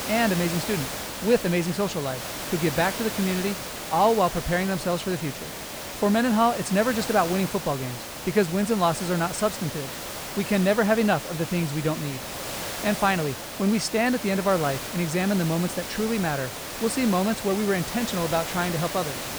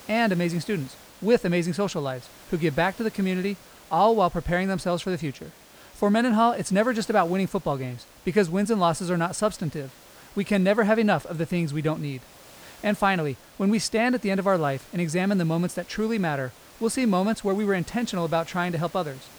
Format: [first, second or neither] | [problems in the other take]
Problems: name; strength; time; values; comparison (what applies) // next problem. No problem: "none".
second | hiss; loud; throughout; 7 dB below the speech; faint in the second